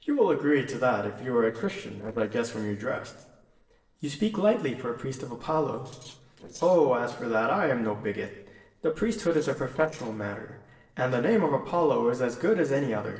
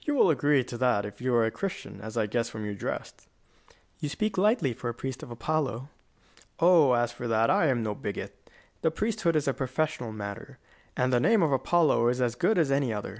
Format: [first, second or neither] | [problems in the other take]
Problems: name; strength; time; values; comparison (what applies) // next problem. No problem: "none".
second | noise reduction (neural separator model SepFormer DNS4)